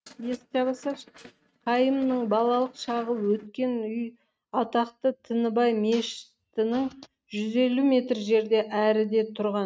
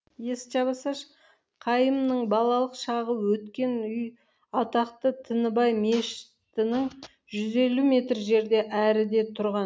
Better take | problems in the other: second | noise reduction (neural mask model RNNoise)

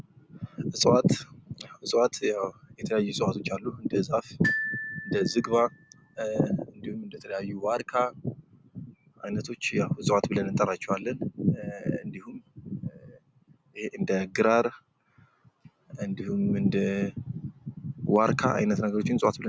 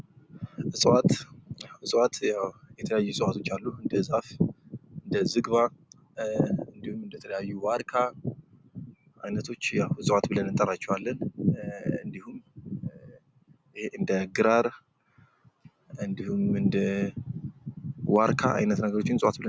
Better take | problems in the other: second | background sound (Glockenspiel); 6 dB below the speech

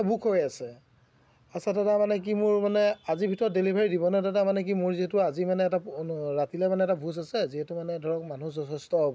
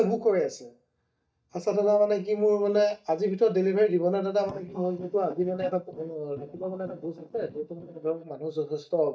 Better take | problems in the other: first | noise reduction (neural mask model DeepFilterNet 3)

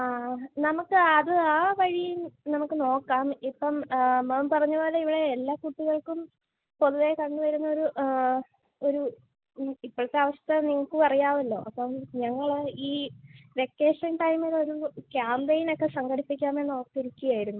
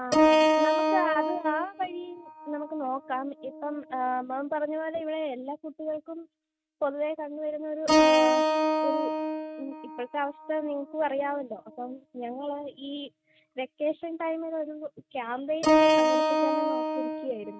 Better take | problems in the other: first | noise reduction (neural mask model RNNoise)

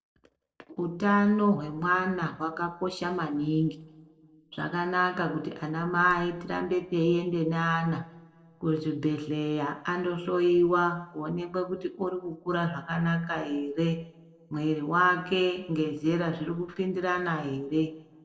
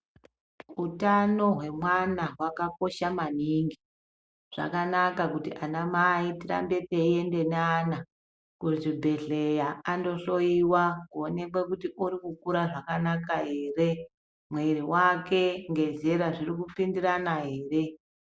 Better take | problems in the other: second | noise reduction (neural separator model SepFormer DNS4)

